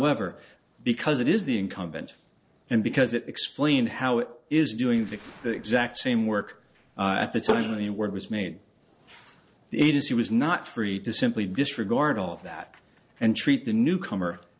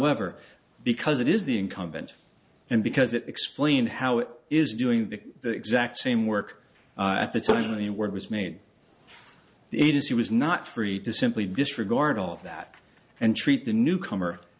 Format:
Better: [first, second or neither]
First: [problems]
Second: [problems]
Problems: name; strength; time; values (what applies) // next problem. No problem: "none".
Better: second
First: noise reduction (neural separator model SepFormer DNS4)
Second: none